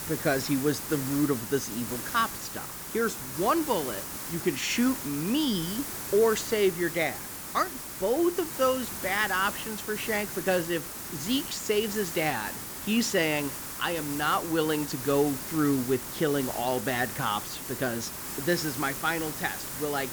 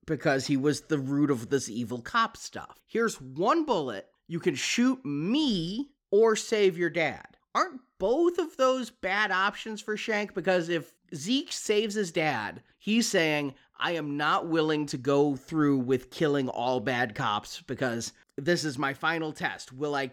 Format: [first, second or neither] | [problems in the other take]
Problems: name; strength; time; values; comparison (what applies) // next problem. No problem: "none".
second | hiss; loud; throughout; 6 dB below the speech